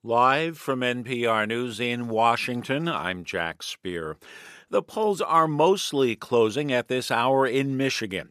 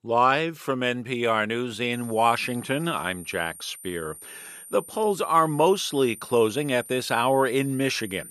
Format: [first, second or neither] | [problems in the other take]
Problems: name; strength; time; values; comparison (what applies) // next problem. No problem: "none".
first | high-pitched whine; noticeable; from 2 s on; 9 kHz, 15 dB below the speech